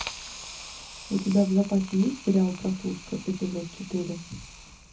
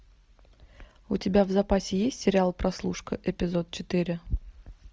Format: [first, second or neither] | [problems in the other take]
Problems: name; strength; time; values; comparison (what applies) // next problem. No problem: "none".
second | background sound (Hiss); 15 dB below the speech // room echo; dies away in 0.3 s